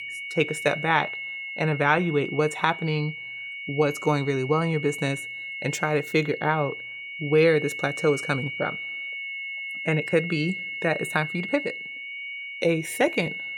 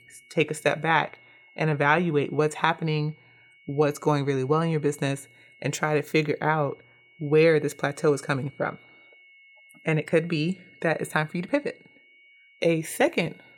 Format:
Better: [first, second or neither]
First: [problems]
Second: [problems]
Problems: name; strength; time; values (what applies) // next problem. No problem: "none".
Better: second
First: high-pitched whine; loud; throughout; 2 kHz, 7 dB below the speech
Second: high-pitched whine; faint; throughout; 2 kHz, 30 dB below the speech